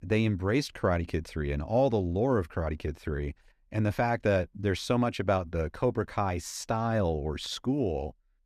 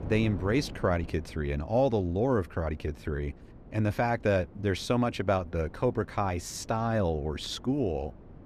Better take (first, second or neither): first